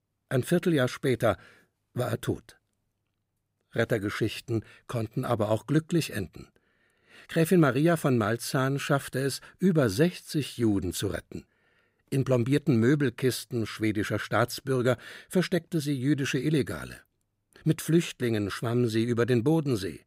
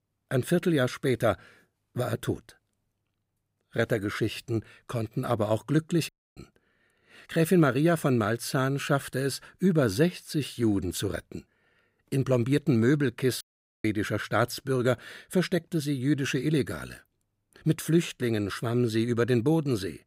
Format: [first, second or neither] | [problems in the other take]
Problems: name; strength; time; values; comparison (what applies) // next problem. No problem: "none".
first | audio cutting out; at 6 s and at 13 s